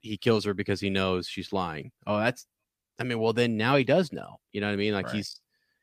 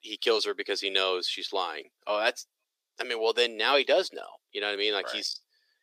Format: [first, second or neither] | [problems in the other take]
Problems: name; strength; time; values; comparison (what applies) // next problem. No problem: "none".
first | thin; very; fading below 350 Hz